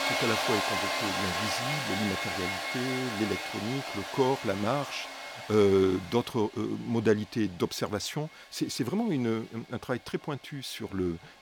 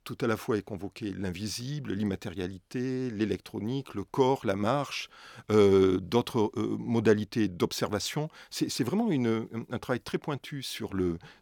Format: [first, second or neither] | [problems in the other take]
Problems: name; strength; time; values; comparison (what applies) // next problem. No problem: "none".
second | household noises; loud; throughout; 1 dB below the speech